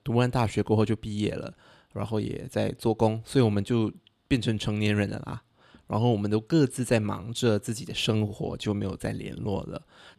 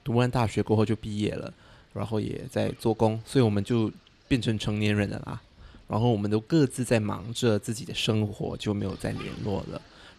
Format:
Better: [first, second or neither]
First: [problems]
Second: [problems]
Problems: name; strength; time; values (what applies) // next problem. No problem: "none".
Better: first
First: none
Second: wind noise on the microphone; occasional gusts; 25 dB below the speech